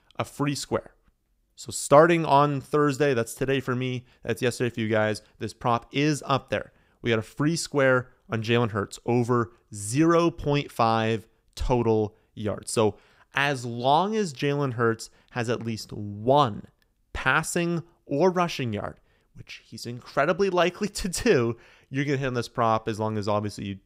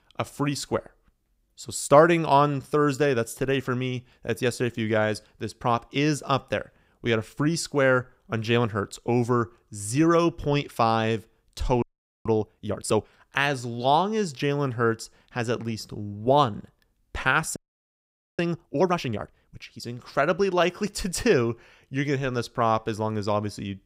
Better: first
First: none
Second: audio freezing; at 12 s and at 18 s for 1 s

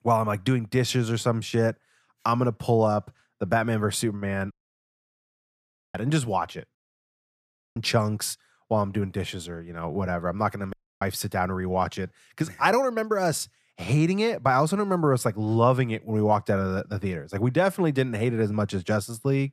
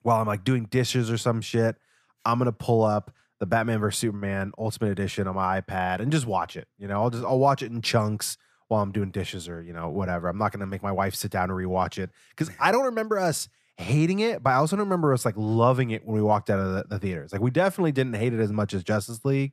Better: second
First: audio cutting out; at 4.5 s for 1.5 s, at 7 s for 1 s and at 11 s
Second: none

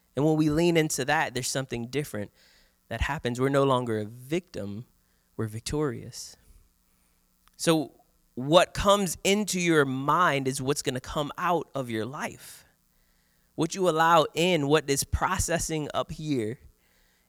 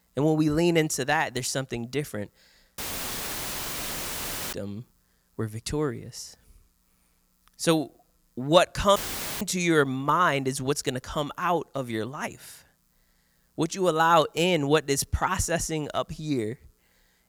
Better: first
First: none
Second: audio cutting out; filled with static; at 3 s for 2 s and at 9 s

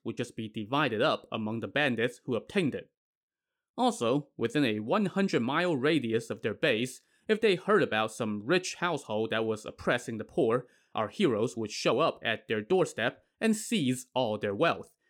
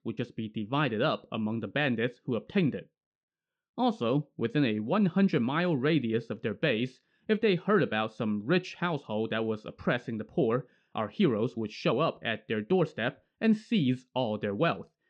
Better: first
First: none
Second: muffled; very slightly; fading above 4.5 kHz

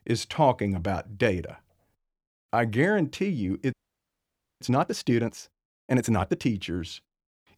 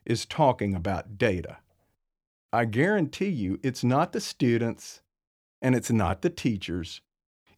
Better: second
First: audio freezing; at 3.5 s for 1 s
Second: none

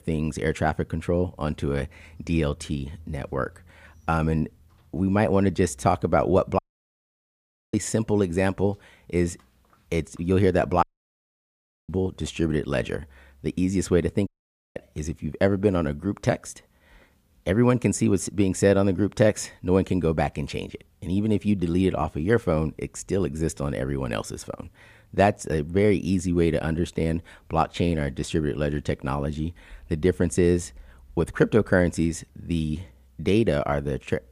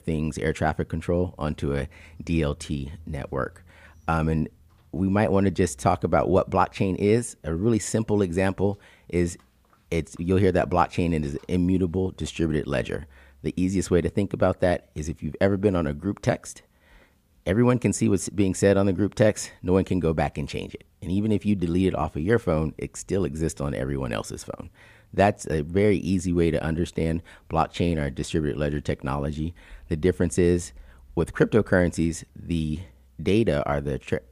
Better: second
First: audio cutting out; at 6.5 s for 1 s, at 11 s for 1 s and at 14 s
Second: none

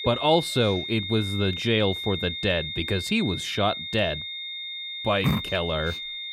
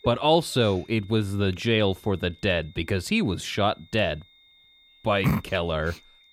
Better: second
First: high-pitched whine; loud; throughout; 3.5 kHz, 6 dB below the speech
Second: high-pitched whine; faint; throughout; 3.5 kHz, 30 dB below the speech

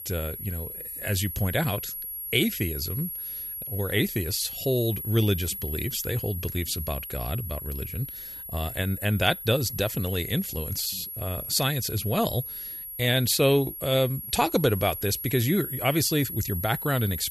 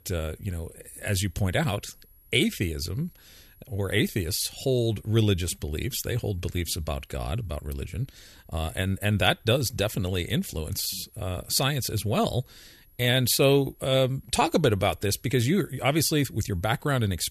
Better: second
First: high-pitched whine; loud; throughout; 11.5 kHz, 7 dB below the speech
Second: high-pitched whine; faint; throughout; 11.5 kHz, 30 dB below the speech

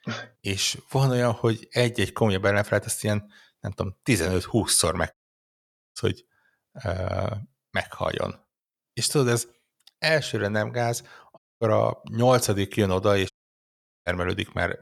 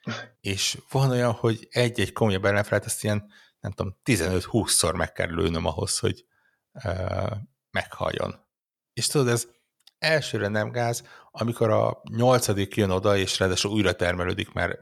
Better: second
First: audio cutting out; at 5 s for 1 s, at 11 s and at 13 s for 1 s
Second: none

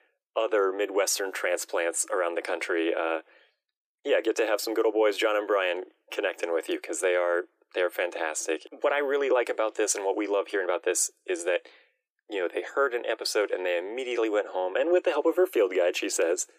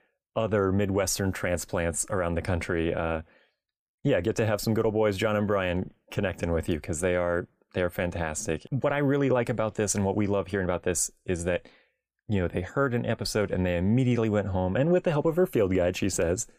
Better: second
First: thin; very; fading below 300 Hz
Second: none

